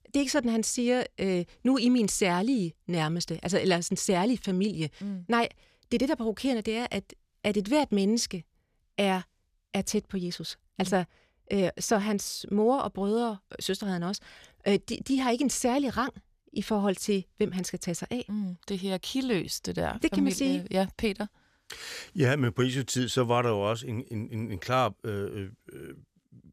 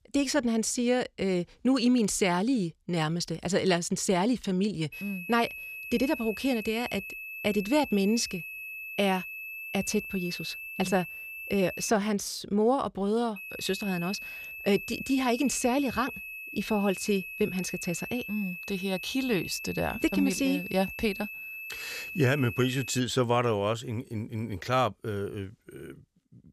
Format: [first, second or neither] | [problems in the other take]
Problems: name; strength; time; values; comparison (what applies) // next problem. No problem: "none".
first | high-pitched whine; loud; from 5 to 12 s and from 13 to 23 s; 2.5 kHz, 9 dB below the speech